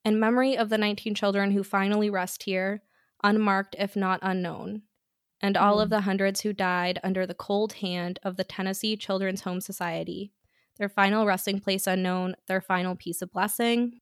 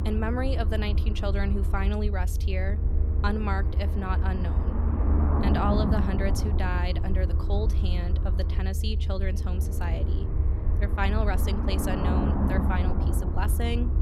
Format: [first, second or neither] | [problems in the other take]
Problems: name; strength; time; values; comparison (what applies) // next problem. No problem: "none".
first | low rumble; loud; throughout; 4 dB below the speech